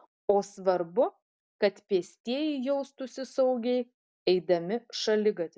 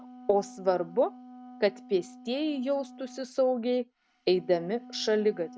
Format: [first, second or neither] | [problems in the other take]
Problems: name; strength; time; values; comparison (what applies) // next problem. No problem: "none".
first | background sound (Wind instrument, woodwind instrument); 19 dB below the speech